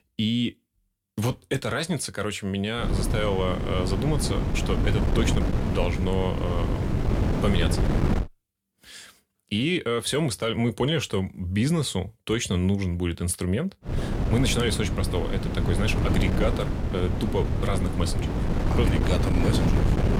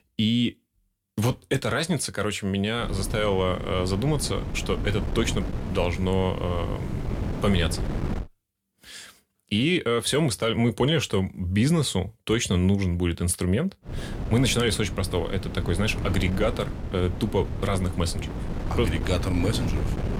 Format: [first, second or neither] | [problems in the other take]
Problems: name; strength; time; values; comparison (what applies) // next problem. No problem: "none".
second | wind noise on the microphone; heavy; from 3 to 8 s and from 14 s on; 4 dB below the speech; occasional gusts in the second